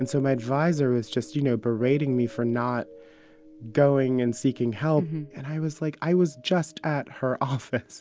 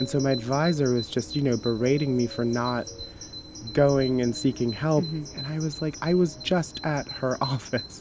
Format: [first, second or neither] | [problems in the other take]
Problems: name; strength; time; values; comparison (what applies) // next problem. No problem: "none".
first | background sound (Bird vocalization, bird call, bird song); 14 dB below the speech